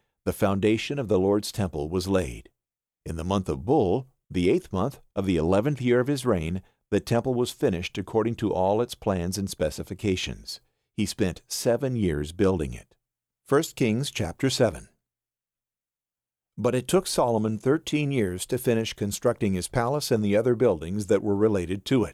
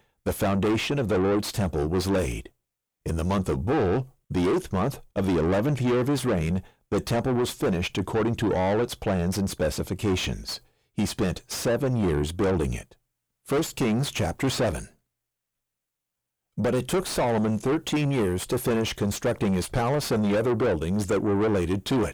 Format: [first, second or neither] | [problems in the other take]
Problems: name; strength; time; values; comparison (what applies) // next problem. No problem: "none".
first | distortion; heavy; 6 dB below the speech